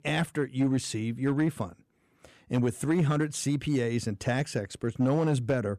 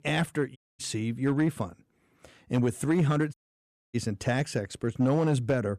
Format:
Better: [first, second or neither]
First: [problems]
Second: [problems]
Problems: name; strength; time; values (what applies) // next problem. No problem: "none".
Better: first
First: none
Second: audio cutting out; at 0.5 s and at 3.5 s for 0.5 s